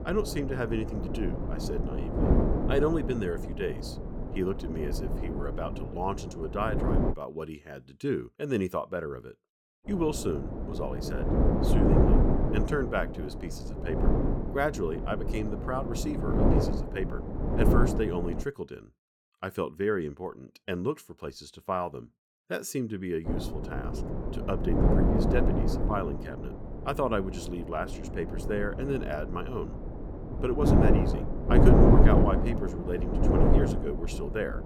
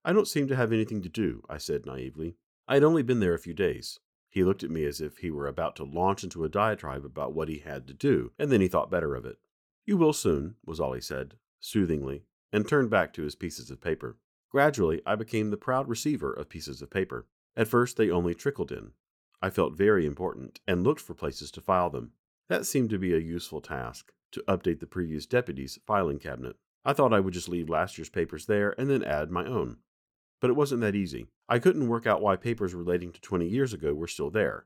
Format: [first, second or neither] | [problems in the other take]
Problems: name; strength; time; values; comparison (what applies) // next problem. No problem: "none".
second | wind noise on the microphone; heavy; until 7 s, from 10 to 18 s and from 23 s on; as loud as the speech